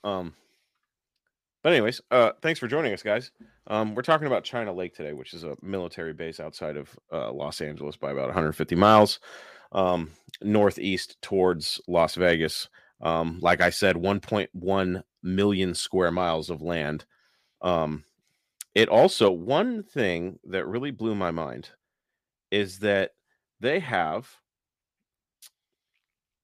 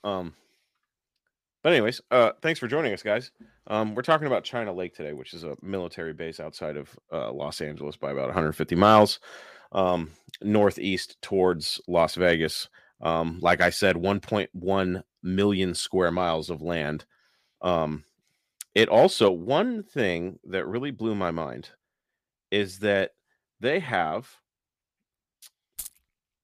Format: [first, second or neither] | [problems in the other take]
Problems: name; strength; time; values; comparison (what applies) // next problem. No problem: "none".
first | jangling keys; faint; at 26 s; peak 15 dB below the speech